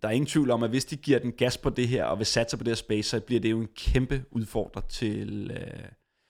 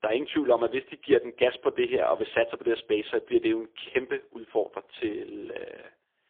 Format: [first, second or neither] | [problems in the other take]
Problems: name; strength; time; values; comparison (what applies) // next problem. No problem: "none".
first | phone-call audio; poor line